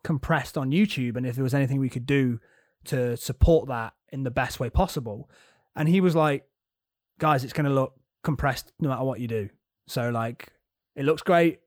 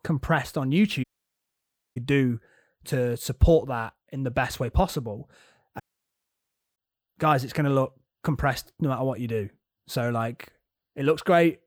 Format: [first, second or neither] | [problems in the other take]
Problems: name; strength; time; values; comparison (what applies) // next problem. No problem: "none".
first | audio cutting out; at 1 s for 1 s and at 6 s for 1 s